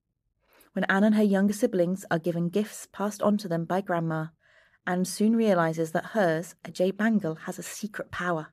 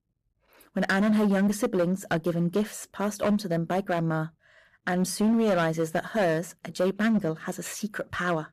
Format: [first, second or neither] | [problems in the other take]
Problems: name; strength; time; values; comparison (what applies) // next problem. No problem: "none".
first | distortion; slight; 9% of the sound clipped